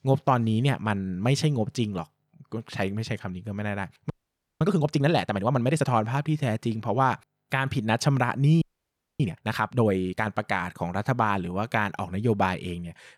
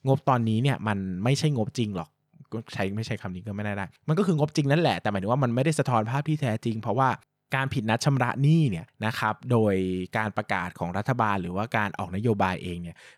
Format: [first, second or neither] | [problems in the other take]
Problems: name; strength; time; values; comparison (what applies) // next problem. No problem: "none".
second | audio freezing; at 4 s for 0.5 s and at 8.5 s for 0.5 s